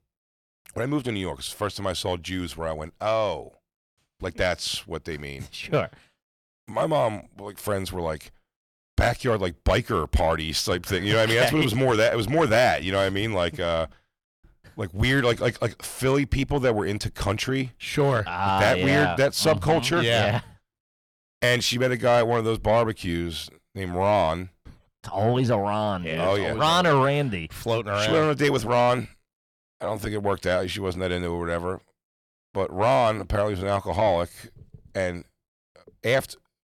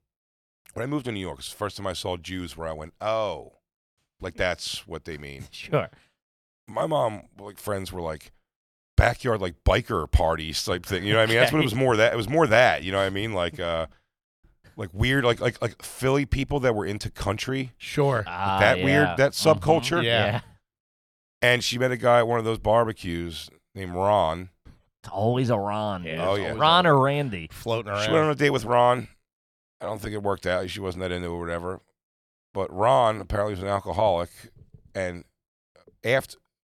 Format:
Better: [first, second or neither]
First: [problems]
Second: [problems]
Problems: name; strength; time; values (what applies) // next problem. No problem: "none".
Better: second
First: distortion; slight; 10 dB below the speech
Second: none